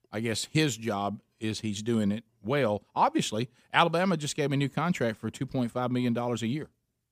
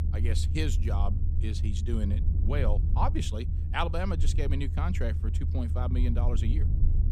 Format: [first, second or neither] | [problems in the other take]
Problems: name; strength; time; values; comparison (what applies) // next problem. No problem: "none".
first | low rumble; loud; throughout; 9 dB below the speech